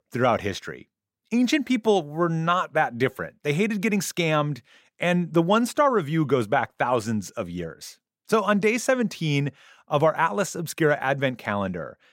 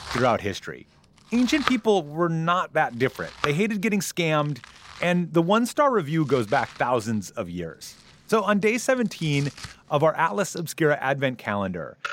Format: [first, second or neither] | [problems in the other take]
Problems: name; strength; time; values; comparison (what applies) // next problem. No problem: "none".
first | household noises; noticeable; throughout; 10 dB below the speech